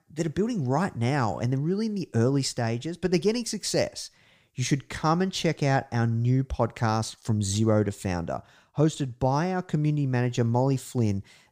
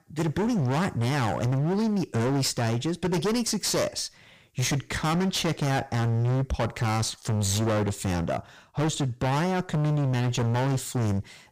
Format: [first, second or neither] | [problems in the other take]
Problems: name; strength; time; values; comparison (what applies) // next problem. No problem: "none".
first | distortion; heavy; 32% of the sound clipped